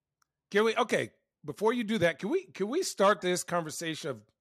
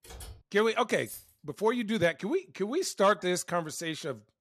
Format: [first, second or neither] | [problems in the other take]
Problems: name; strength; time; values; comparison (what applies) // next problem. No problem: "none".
first | keyboard typing; faint; at the start; peak 15 dB below the speech // jangling keys; faint; at 1 s; peak 15 dB below the speech